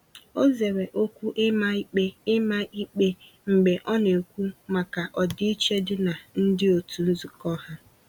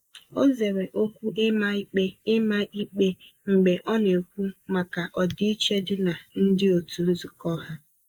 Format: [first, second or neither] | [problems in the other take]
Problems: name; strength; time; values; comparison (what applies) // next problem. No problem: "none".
first | noise reduction (neural mask model Resemble Enhance denoiser)